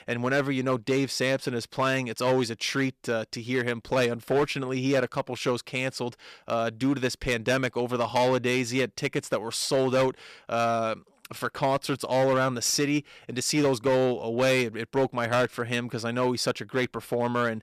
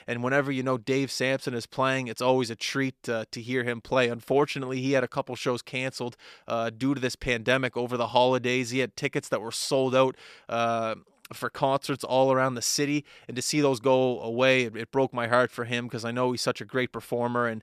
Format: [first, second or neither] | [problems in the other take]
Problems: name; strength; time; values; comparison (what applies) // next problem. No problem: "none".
second | distortion; slight; 6% of the sound clipped